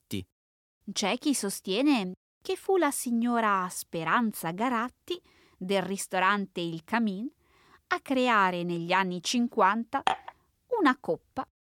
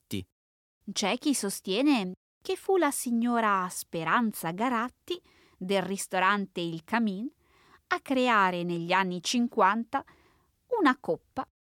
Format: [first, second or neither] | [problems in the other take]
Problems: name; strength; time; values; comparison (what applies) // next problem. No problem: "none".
second | clattering dishes; noticeable; at 10 s; peak 3 dB below the speech